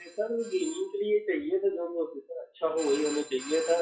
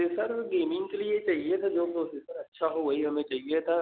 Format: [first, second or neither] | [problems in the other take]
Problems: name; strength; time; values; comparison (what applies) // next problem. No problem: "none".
second | noise reduction (classical method WPE with log-MMSE)